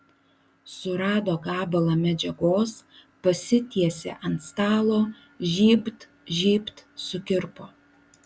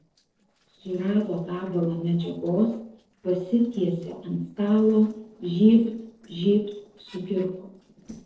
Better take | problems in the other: first | noise reduction (neural separator model SepFormer DNS4)

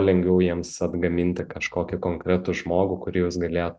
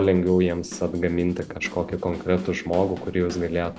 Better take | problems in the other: first | background sound (Whoosh, swoosh, swish + Drum / Drum kit); 16 dB below the speech

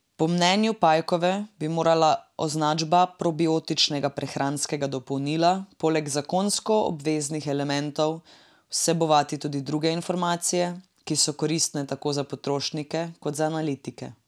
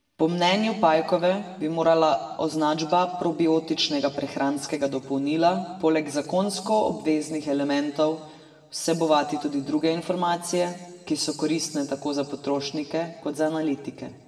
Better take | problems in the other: first | room echo; dies away in 1.5 s

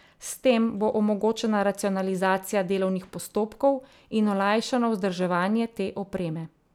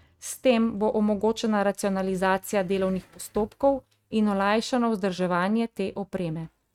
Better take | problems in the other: first | noise reduction (neural mask model RNNoise)

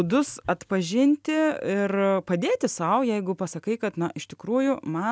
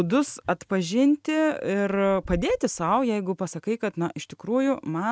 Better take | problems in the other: first | noise reduction (neural mask model RNNoise)

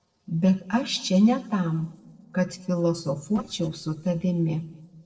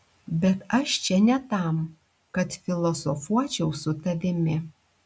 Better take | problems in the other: second | noise reduction (neural separator model SepFormer DNS4)

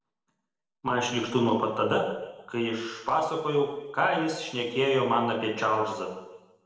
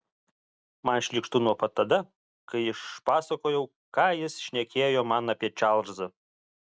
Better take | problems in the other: second | room echo; dies away in 1 s

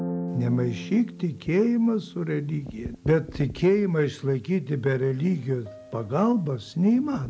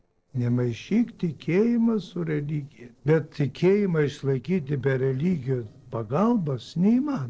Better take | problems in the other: first | noise reduction (neural separator model SepFormer DNS4)

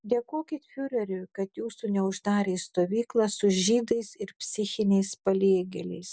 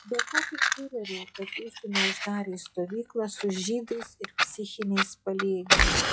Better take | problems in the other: first | noise reduction (classical method log-MMSE)

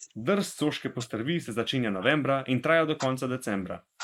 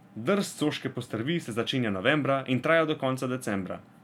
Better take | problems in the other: second | noise reduction (neural mask model Resemble Enhance denoiser)

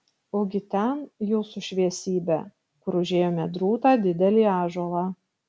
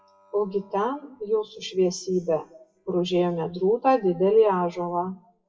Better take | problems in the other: first | noise reduction (classical method WPE with log-MMSE)

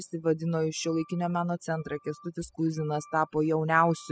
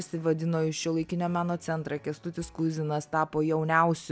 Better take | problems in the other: second | noise reduction (classical method spectral subtraction)

